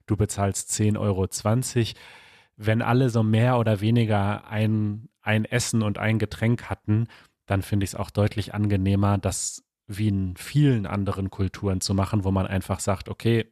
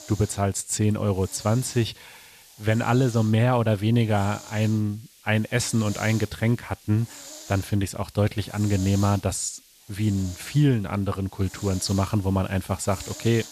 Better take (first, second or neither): first